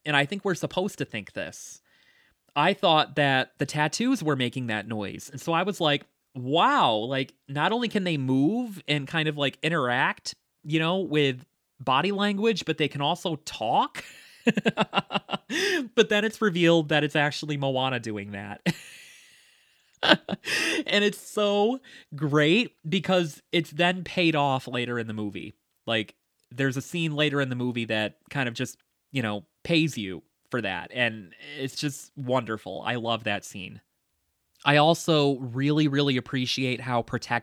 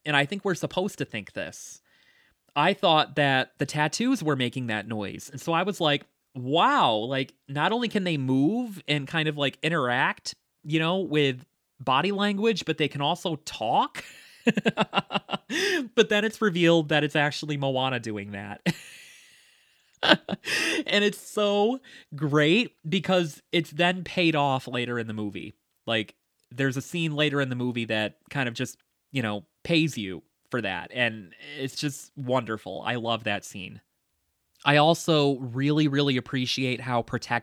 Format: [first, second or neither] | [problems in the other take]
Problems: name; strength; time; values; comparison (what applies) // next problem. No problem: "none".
neither | none